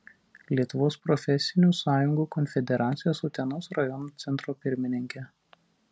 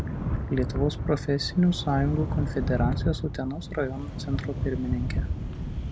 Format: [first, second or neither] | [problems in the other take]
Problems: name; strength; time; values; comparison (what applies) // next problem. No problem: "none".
first | background sound (Thunder / Rain); 1 dB below the speech